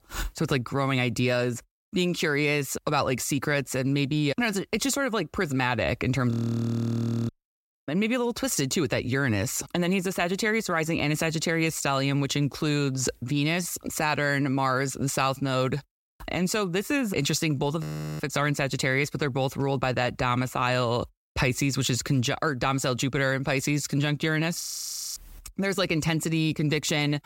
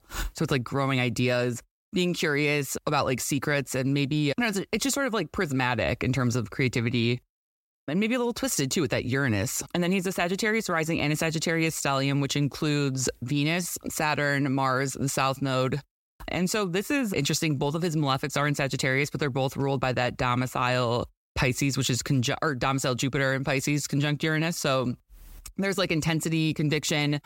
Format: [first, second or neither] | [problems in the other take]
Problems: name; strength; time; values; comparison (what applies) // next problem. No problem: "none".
second | audio freezing; at 6.5 s for 1 s, at 18 s and at 25 s for 0.5 s